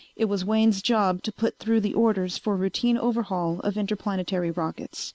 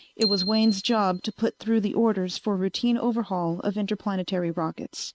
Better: first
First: none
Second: noise reduction (neural mask model RNNoise)

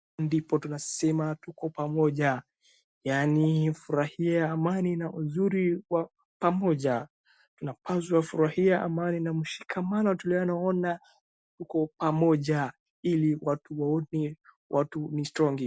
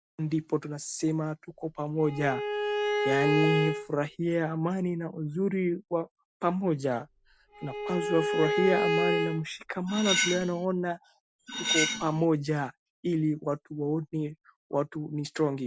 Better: first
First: none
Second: background sound (Cutlery, silverware + Bowed string instrument); as loud as the speech

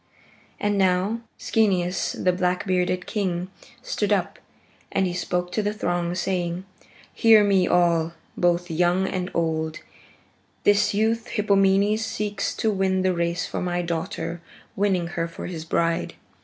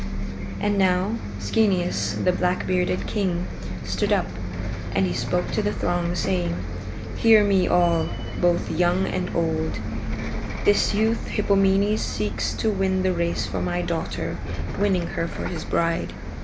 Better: first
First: none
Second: background sound (Bus); 5 dB below the speech

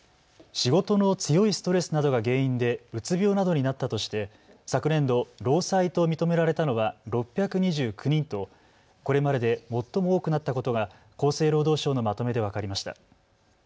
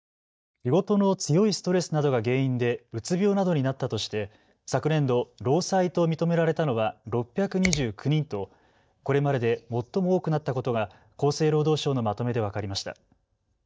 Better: first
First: none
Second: noise reduction (neural mask model DeepFilterNet 3)

